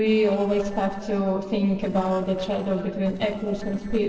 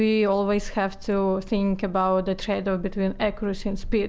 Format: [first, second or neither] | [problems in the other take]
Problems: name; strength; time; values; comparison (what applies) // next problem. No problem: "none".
second | noise reduction (neural separator model SepFormer DNS4)